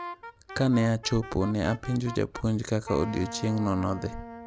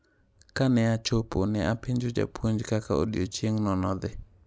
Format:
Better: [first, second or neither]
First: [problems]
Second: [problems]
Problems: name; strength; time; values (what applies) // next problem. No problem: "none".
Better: second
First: background sound (Wind instrument, woodwind instrument); 14 dB below the speech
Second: none